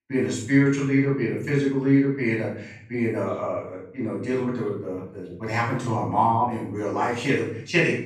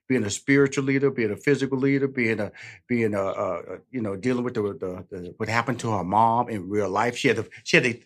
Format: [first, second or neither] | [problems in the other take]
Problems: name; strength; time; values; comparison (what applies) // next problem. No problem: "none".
second | off-mic speech; far // room echo; noticeable; dies away in 0.7 s